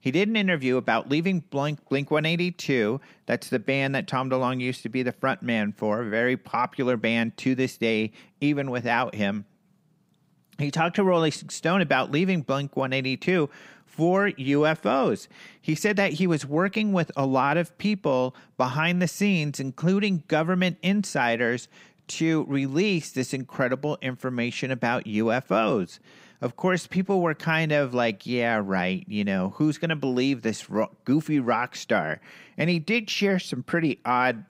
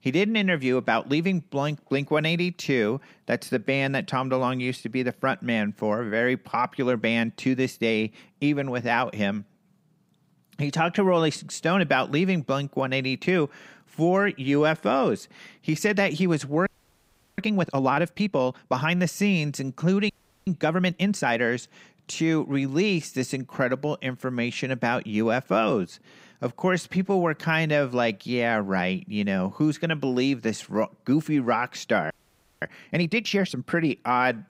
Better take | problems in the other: first | audio freezing; at 17 s for 0.5 s, at 20 s and at 32 s for 0.5 s

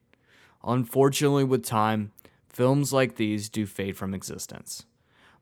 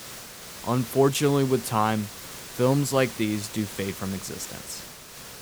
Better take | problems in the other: first | hiss; noticeable; throughout; 15 dB below the speech

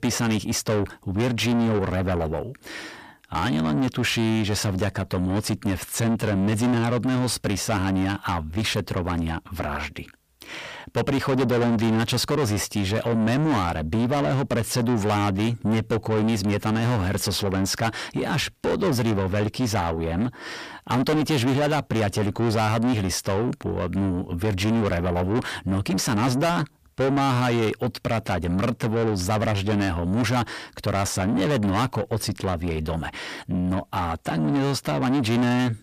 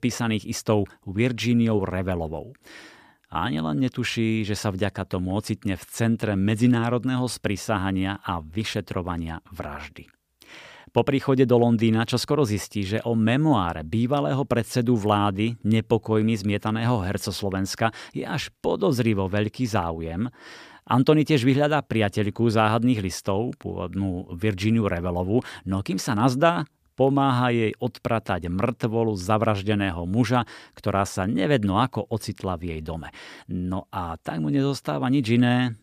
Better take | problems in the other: second | distortion; heavy; 6 dB below the speech

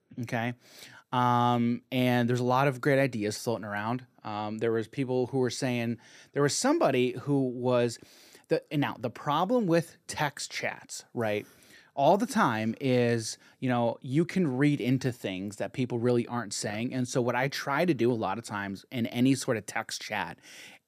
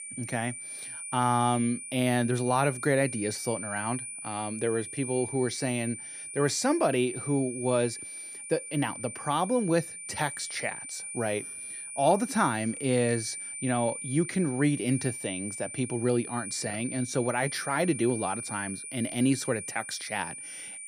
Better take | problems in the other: first | high-pitched whine; loud; throughout; 9.5 kHz, 8 dB below the speech

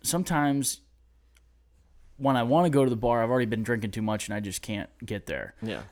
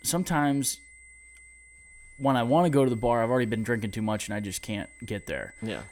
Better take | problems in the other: first | high-pitched whine; faint; throughout; 2 kHz, 25 dB below the speech

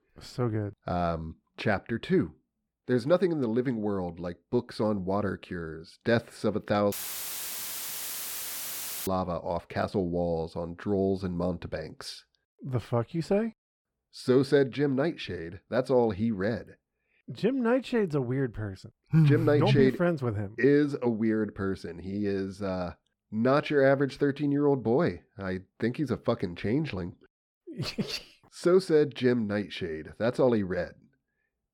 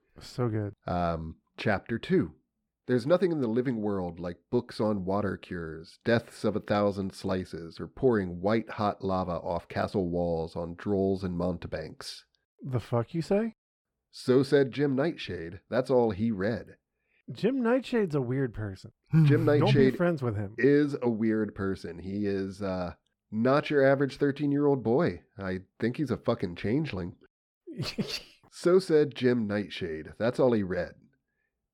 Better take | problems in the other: second | audio cutting out; filled with static; at 7 s for 2 s

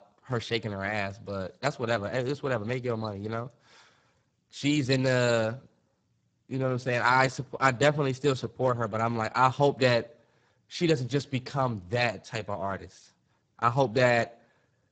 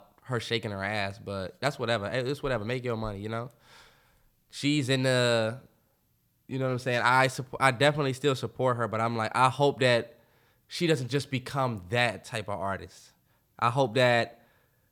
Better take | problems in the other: second | garbled, watery; badly; nothing above 7.5 kHz

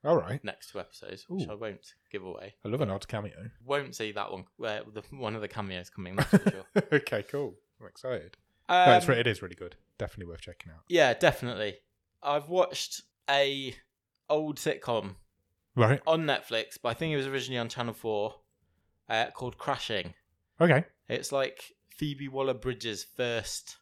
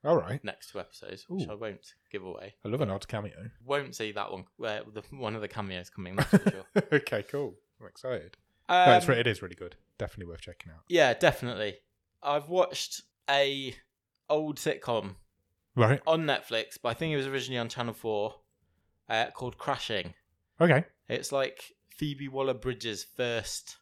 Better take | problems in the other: neither | none

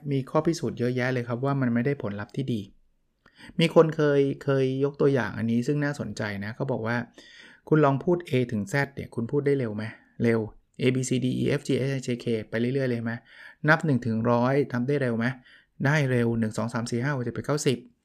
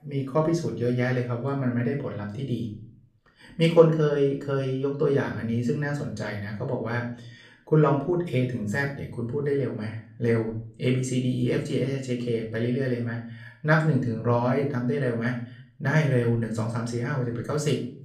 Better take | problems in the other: first | off-mic speech; far // room echo; slight; dies away in 0.4 s

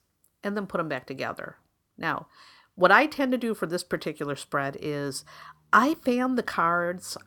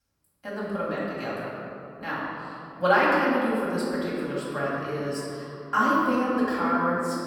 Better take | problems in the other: first | off-mic speech; far // room echo; strong; dies away in 2.6 s

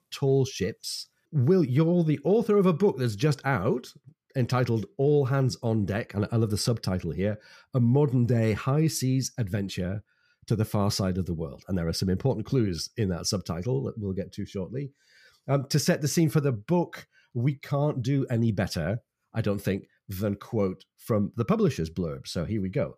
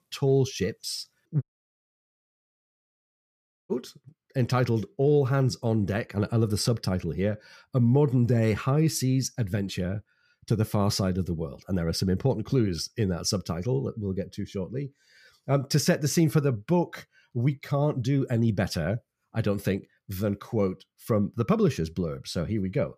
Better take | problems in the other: first | audio cutting out; at 1.5 s for 2.5 s

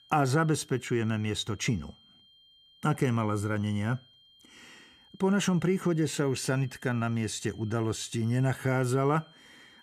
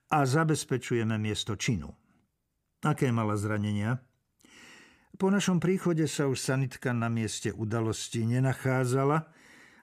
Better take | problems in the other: second | high-pitched whine; faint; throughout; 3 kHz, 30 dB below the speech

